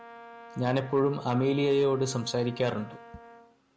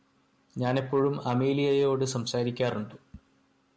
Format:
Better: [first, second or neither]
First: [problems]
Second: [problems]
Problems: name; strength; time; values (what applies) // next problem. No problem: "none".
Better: second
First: background sound (Brass instrument); 19 dB below the speech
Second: none